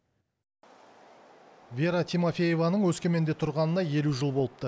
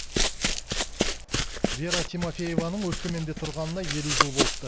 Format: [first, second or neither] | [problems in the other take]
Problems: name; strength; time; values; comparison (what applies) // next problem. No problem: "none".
first | background sound (Run); 4 dB above the speech